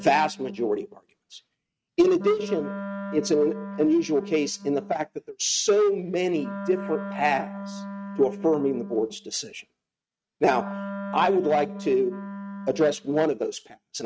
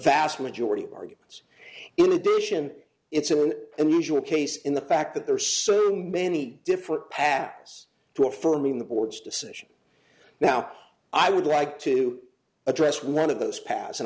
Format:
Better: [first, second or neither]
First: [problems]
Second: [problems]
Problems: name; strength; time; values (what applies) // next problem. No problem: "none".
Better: second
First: noise reduction (neural mask model RNNoise)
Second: none